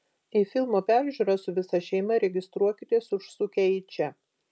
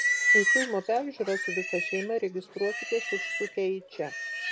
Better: first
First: none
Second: background sound (Livestock, farm animals, working animals); 1 dB above the speech

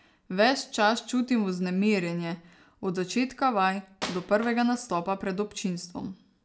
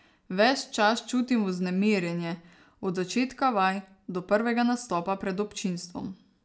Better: second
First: background sound (Wood); 14 dB below the speech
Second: none

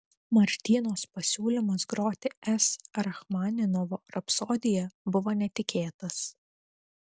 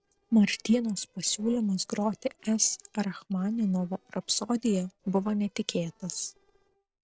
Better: first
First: none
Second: noise reduction (neural separator model SepFormer DNS4)

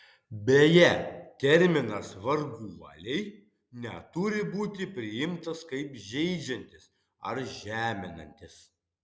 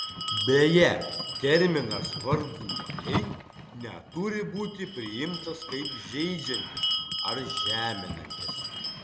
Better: first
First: none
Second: background sound (Bell); 5 dB below the speech

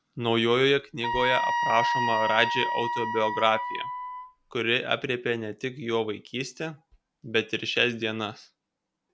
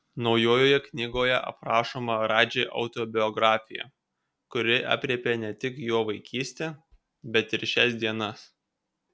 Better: second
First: background sound (Wind instrument, woodwind instrument); 1 dB below the speech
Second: none

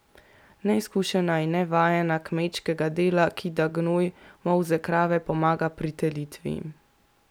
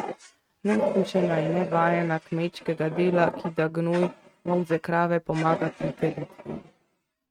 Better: first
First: none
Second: noise reduction (neural mask model RNNoise)

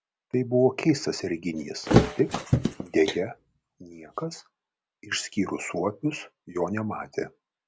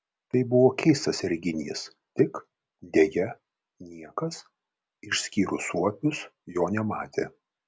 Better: second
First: background sound (Thump, thud); 2 dB above the speech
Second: none

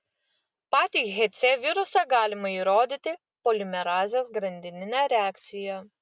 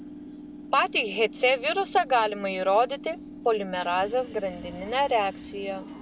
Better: first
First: none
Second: background sound (Subway, metro, underground / Train); 15 dB below the speech

